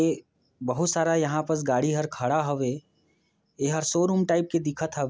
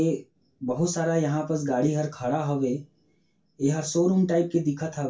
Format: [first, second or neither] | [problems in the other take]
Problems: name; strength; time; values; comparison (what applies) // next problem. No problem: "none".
first | room echo; dies away in 0.2 s